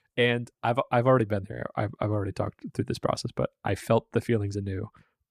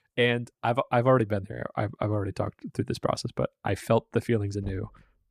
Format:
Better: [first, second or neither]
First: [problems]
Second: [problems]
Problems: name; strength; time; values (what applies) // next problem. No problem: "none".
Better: first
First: none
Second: door banging; faint; at 4.5 s; peak 15 dB below the speech